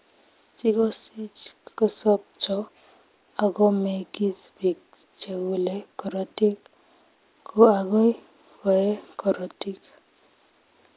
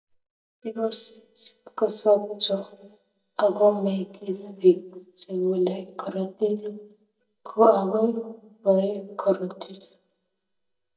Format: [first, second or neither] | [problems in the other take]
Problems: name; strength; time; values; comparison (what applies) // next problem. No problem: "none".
first | noise reduction (neural mask model DeepFilterNet 3)